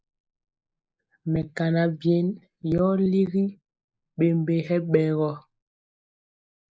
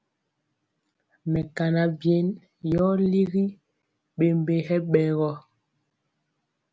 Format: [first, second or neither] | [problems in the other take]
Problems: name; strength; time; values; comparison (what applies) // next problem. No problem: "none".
second | noise reduction (neural mask model Resemble Enhance denoiser)